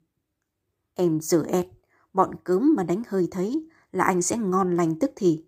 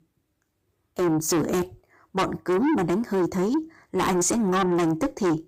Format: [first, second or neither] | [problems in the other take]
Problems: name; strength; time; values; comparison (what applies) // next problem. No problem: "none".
first | distortion; heavy; 6 dB below the speech